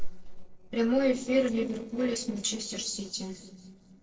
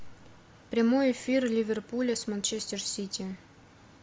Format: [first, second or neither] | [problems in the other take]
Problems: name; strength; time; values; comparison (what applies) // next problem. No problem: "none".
second | noise reduction (neural separator model SepFormer DNS4)